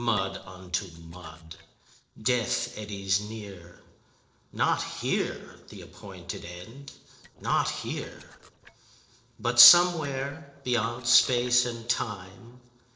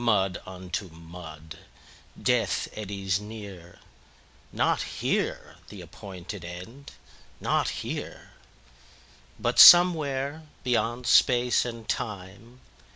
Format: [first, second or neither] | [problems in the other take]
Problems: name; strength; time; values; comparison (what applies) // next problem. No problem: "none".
second | noise reduction (neural separator model SepFormer DNS4)